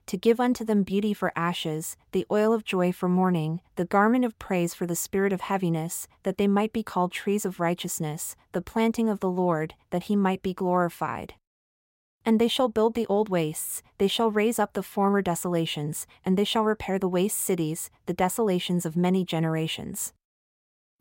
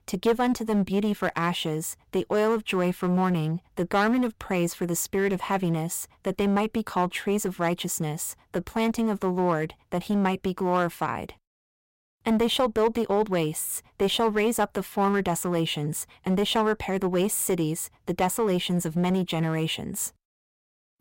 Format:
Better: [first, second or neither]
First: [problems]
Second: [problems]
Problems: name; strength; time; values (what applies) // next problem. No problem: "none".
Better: first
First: none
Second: distortion; slight; 8% of the sound clipped